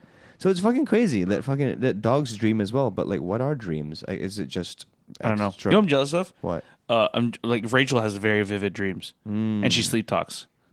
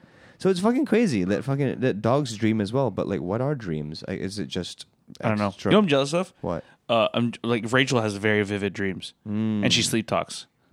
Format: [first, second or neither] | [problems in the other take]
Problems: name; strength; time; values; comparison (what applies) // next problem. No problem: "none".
second | garbled, watery; slightly